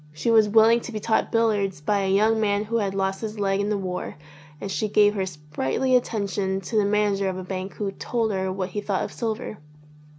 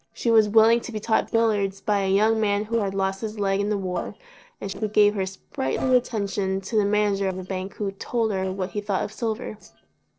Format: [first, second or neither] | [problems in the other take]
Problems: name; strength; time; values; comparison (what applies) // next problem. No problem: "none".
first | noise reduction (neural separator model SepFormer DNS4)